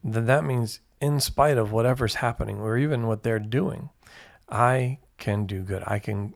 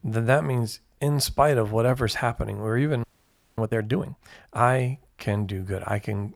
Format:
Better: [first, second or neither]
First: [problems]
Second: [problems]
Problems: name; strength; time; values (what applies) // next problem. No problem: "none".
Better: first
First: none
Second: audio freezing; at 3 s for 0.5 s